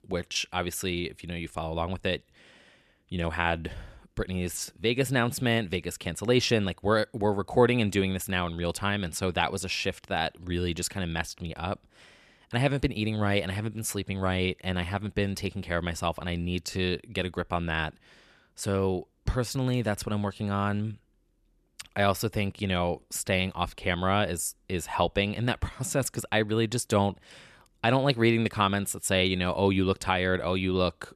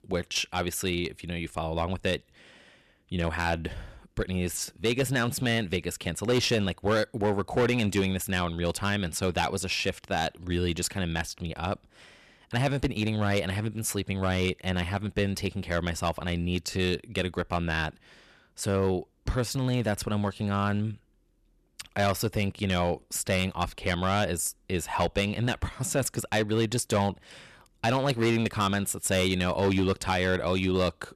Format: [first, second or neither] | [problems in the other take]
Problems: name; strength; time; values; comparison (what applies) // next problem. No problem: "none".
first | distortion; slight; 6% of the sound clipped